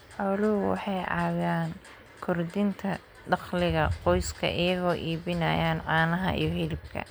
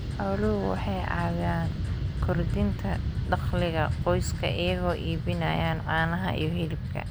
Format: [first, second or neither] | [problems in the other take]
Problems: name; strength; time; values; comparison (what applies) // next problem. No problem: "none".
first | background sound (Fixed-wing aircraft, airplane); 1 dB below the speech